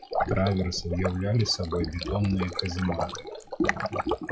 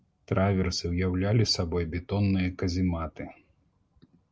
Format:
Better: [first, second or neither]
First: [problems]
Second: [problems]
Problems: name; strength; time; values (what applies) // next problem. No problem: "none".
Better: second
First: noise reduction (classical method log-MMSE)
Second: none